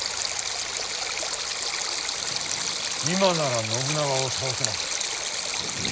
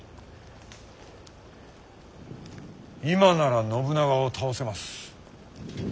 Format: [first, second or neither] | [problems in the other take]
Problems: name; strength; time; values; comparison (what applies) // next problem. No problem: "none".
second | background sound (Stream); 3 dB above the speech